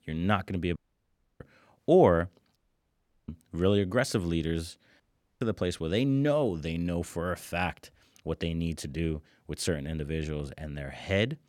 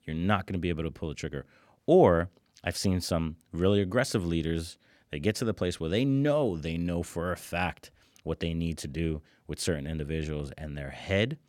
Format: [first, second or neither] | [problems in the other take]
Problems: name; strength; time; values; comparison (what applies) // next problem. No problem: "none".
second | audio cutting out; at 1 s for 0.5 s, at 2.5 s for 0.5 s and at 5 s